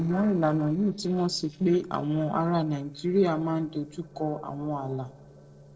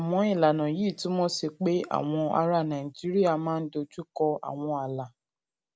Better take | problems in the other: second | noise reduction (neural separator model SepFormer DNS4)

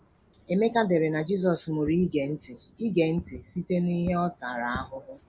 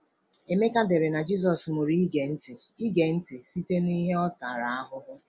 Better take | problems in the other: second | background sound (Fireworks); 19 dB below the speech

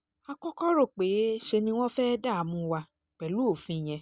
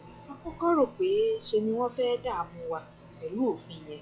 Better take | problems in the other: first | noise reduction (classical method log-MMSE)

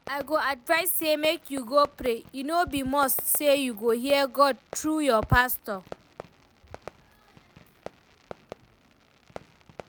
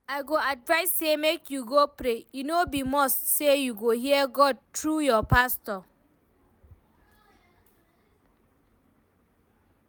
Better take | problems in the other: second | background sound (Fireworks); 20 dB below the speech

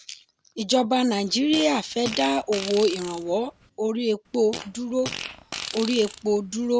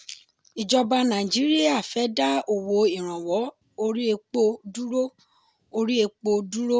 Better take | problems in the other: second | background sound (Fart); 12 dB below the speech

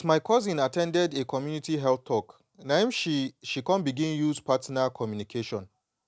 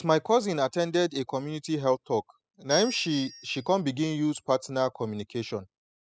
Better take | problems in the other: first | noise reduction (classical method spectral subtraction)

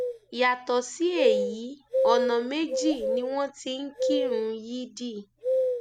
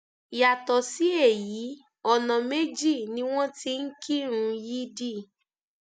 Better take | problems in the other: second | background sound (Bird vocalization, bird call, bird song); 1 dB below the speech

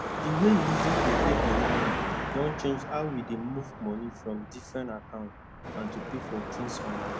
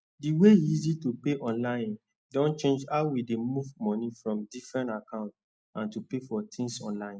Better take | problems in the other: second | background sound (Car passing by / Traffic noise, roadway noise / Engine); 1 dB above the speech

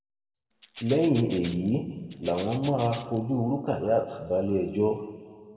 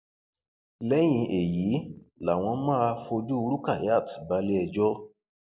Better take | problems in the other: second | background sound (Rattle (instrument)); 18 dB below the speech // room echo; dies away in 1.5 s

